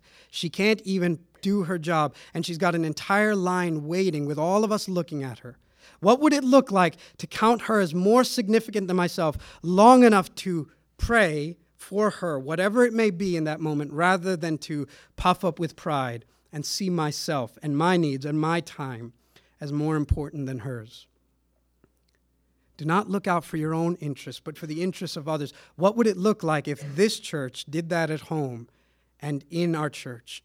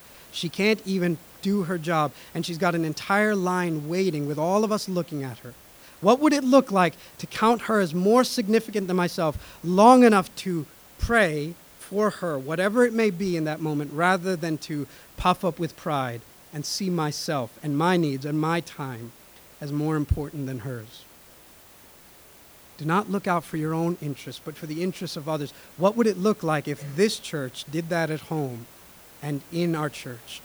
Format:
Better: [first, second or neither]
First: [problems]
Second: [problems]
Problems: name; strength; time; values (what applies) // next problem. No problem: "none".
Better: first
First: none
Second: hiss; faint; throughout; 25 dB below the speech